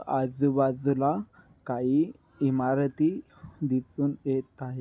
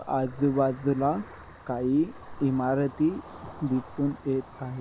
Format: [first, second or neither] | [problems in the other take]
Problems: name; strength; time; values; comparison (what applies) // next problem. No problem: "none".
first | background sound (Ocean); 17 dB below the speech